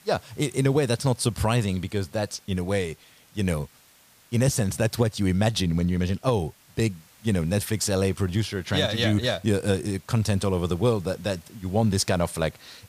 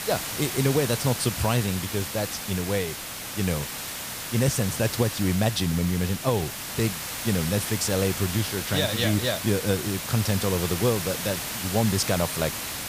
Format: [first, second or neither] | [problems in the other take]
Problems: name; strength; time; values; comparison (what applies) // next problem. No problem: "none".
first | hiss; loud; throughout; 4 dB below the speech; faint in the first